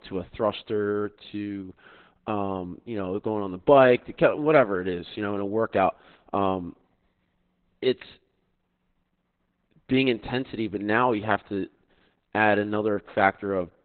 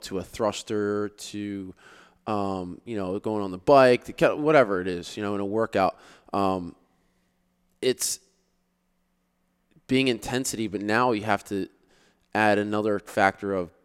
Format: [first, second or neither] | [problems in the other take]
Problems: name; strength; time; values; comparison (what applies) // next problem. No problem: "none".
second | garbled, watery; badly; nothing above 4 kHz